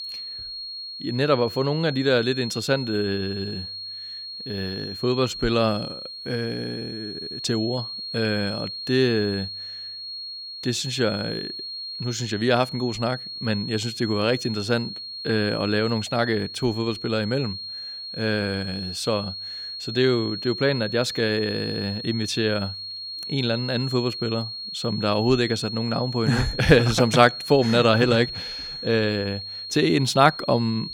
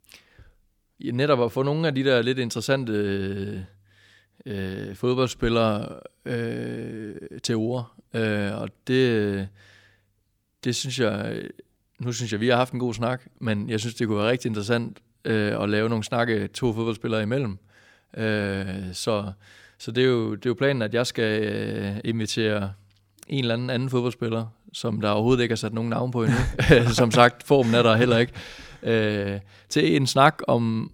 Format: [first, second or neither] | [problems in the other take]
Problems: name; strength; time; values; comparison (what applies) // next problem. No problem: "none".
second | high-pitched whine; loud; throughout; 4.5 kHz, 8 dB below the speech